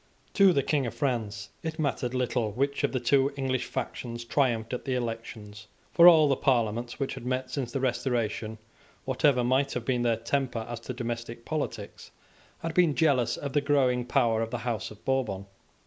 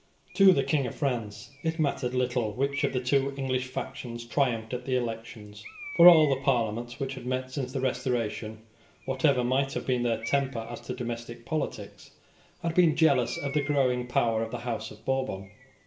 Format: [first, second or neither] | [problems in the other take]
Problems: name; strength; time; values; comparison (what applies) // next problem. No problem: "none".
first | background sound (Bird); 20 dB below the speech // room echo; dies away in 0.7 s